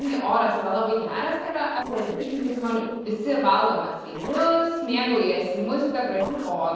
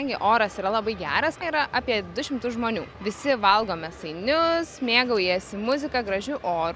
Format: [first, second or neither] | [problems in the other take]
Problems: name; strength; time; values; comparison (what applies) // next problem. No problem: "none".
second | noise reduction (neural separator model SepFormer DNS4)